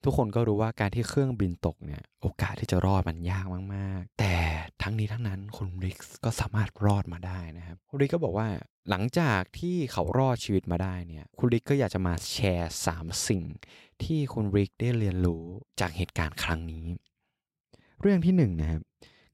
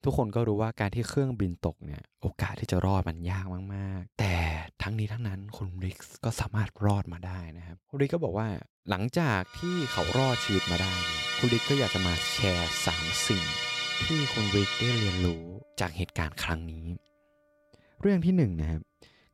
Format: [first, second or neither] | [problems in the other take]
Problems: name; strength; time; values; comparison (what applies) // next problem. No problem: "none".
first | background music; very loud; from 9.5 s on; 1 dB above the speech